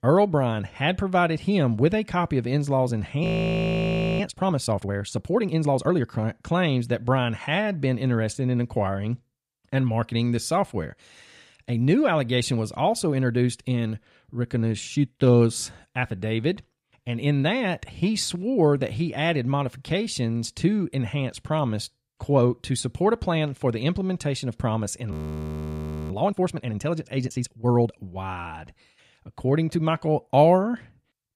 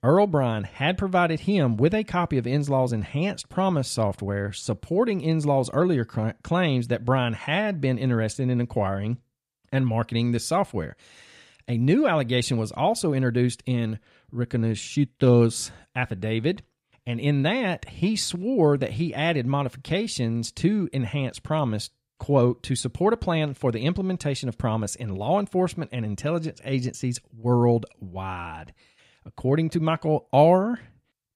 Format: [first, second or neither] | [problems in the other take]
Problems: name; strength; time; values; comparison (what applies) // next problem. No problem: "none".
second | audio freezing; at 3 s for 1 s and at 25 s for 1 s